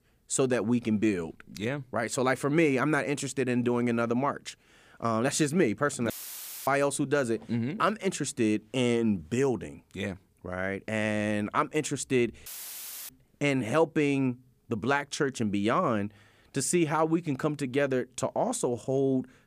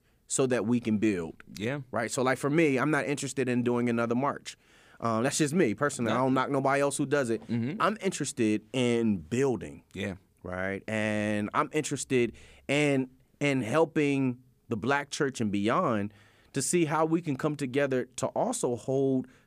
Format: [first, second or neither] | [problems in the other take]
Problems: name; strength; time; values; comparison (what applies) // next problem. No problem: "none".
second | audio cutting out; filled with static; at 6 s for 0.5 s and at 12 s for 0.5 s